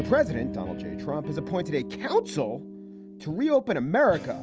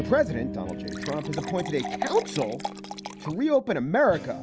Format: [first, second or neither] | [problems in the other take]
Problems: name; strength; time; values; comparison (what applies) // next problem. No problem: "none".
first | background sound (Fill (with liquid) / Water); 10 dB below the speech